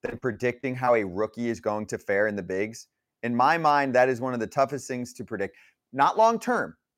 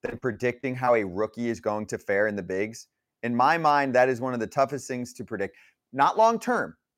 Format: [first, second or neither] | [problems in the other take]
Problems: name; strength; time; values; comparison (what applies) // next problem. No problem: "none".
neither | none